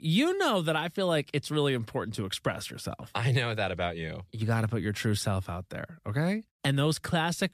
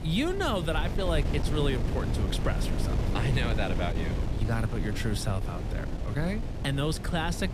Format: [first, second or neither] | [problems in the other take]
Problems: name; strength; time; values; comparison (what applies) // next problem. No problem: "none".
first | wind noise on the microphone; heavy; 7 dB below the speech